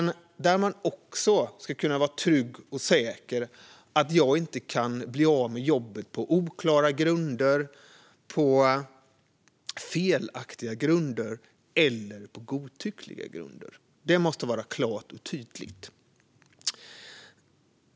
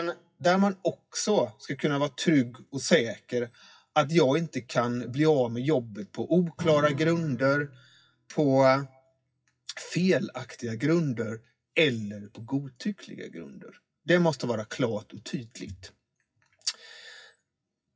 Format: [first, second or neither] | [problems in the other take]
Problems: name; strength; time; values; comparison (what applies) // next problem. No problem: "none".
first | noise reduction (classical method WPE with log-MMSE)